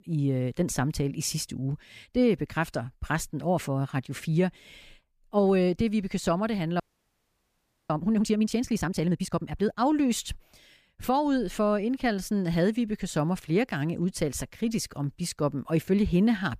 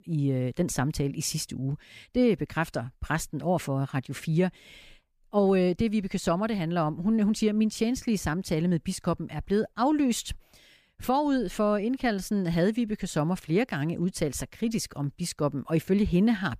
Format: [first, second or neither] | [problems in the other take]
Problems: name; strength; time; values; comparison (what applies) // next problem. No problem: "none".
second | audio freezing; at 7 s for 1 s